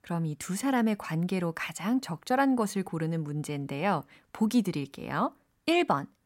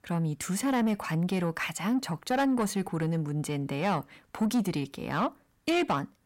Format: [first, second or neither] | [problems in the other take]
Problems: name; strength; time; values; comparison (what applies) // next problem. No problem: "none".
first | distortion; slight; 10 dB below the speech